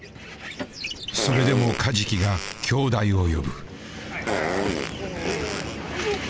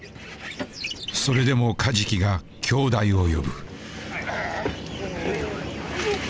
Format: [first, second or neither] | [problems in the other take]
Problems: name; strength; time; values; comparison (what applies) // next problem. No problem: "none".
second | background sound (Fart); 6 dB below the speech